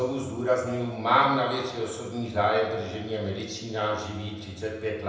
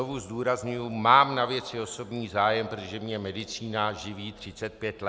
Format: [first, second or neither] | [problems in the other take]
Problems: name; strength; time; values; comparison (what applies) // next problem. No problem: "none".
second | room echo; dies away in 0.9 s